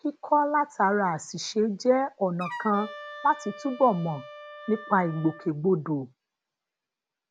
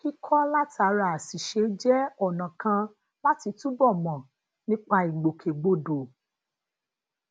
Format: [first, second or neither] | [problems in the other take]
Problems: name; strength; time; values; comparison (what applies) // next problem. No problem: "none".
second | background sound (Wind instrument, woodwind instrument); 15 dB below the speech